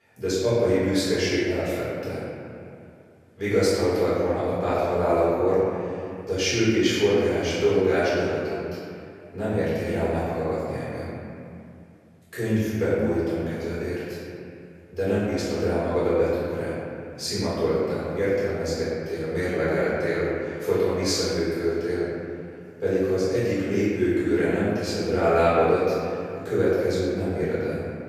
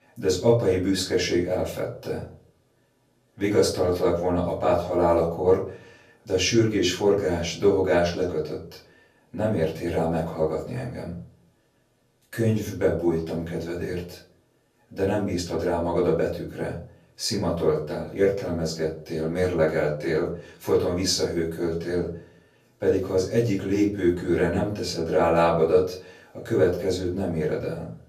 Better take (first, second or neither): second